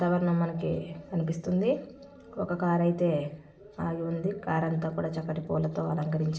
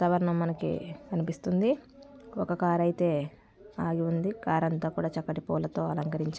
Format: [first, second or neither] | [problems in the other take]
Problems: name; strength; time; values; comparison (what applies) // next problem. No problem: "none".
second | room echo; dies away in 0.6 s